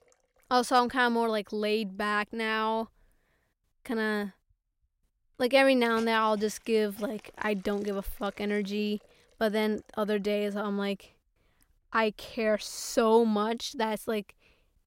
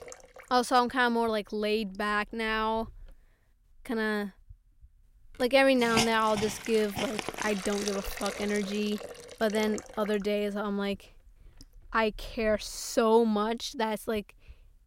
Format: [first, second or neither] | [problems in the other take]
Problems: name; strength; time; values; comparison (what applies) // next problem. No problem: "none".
first | hiss; loud; throughout; 8 dB below the speech; faint in the first